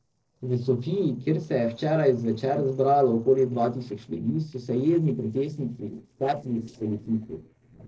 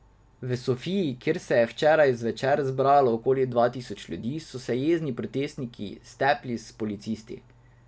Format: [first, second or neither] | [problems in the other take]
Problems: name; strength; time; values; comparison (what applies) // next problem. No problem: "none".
second | noise reduction (neural separator model SepFormer DNS4)